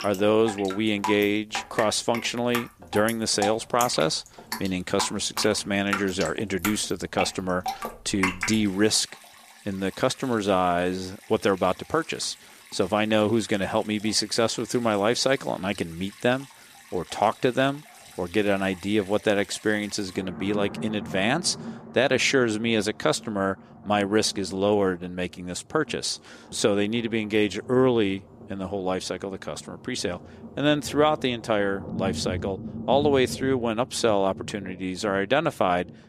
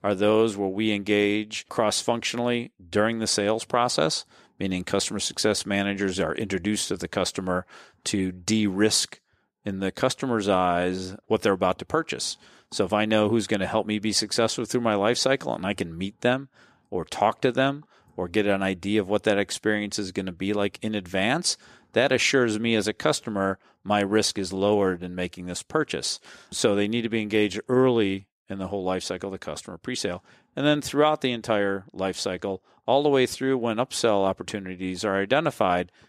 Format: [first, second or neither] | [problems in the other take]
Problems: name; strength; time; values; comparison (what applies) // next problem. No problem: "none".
second | rain or running water; noticeable; throughout; 15 dB below the speech